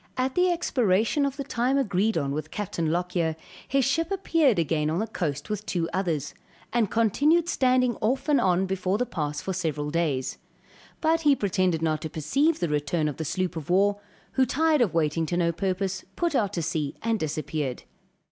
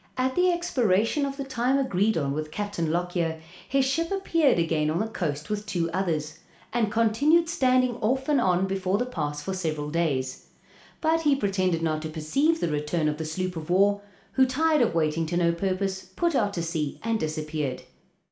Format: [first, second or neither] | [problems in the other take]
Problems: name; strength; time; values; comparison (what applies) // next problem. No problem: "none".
first | room echo; dies away in 0.4 s